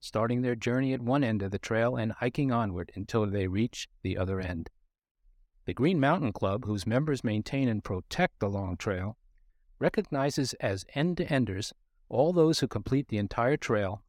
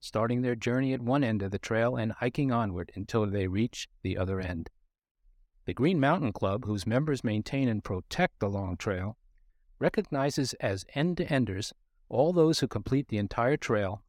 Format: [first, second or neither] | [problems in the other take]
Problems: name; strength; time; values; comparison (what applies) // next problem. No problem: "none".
neither | none